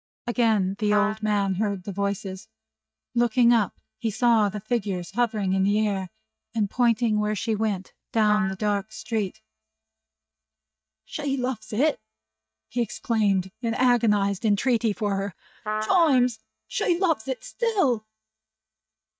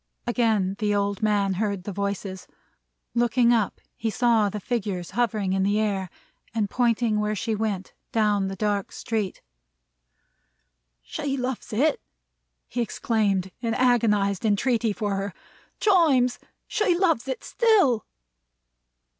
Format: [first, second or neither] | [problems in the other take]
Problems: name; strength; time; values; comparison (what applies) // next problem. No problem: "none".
second | noise reduction (neural mask model DeepFilterNet 3)